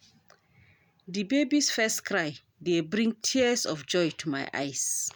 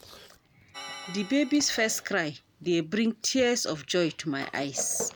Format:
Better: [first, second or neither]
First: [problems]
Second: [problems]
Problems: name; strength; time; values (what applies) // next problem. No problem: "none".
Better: first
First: none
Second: background sound (Chewing, mastication + Organ); 16 dB below the speech